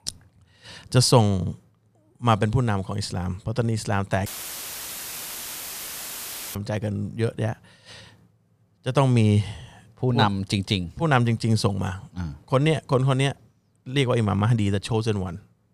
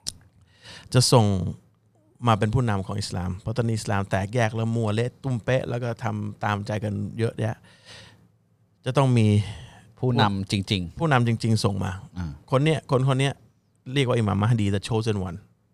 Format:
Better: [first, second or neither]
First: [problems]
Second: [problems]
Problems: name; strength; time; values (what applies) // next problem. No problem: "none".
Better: second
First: audio cutting out; filled with static; at 4.5 s for 2.5 s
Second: none